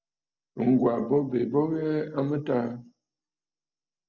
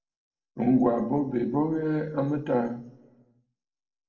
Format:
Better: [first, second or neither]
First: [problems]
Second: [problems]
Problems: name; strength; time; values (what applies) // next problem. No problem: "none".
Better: first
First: none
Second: room echo; dies away in 0.9 s